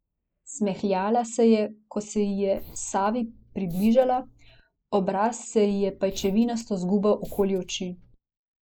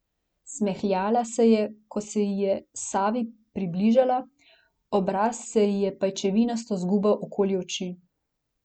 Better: second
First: noise reduction (neural mask model Resemble Enhance denoiser)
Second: none

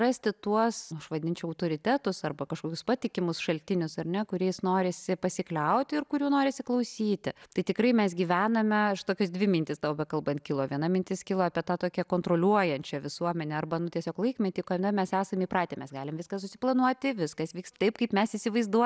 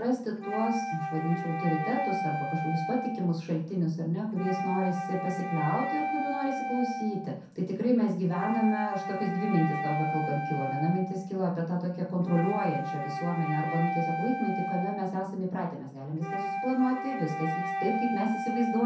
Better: first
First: none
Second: background sound (Wind instrument, woodwind instrument); 4 dB below the speech // room echo; dies away in 0.5 s

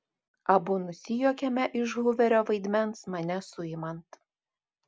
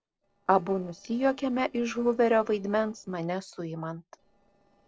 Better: first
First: none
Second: noise reduction (neural separator model SepFormer DNS4)

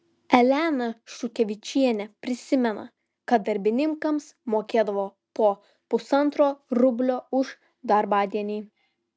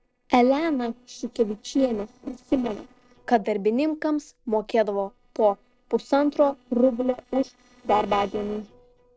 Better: first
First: none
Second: noise reduction (neural separator model SepFormer DNS4)

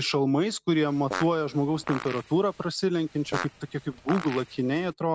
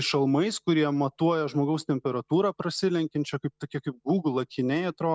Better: second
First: background sound (Fart); 12 dB below the speech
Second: none

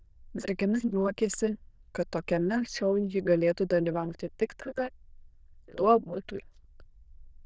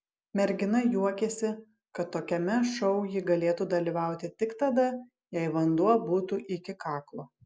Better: second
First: noise reduction (neural diffusion model UNIVERSE++)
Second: none

